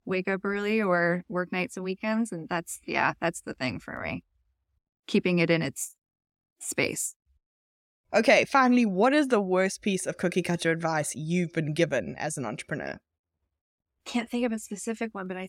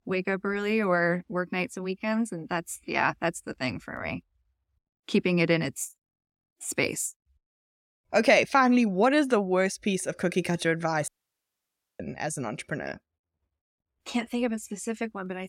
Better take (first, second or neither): first